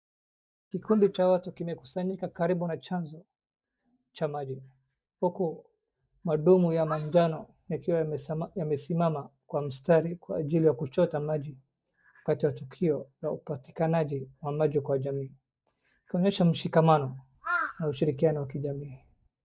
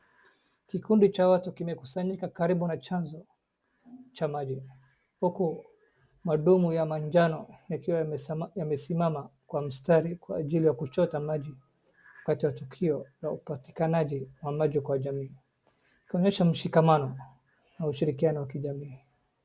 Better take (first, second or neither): second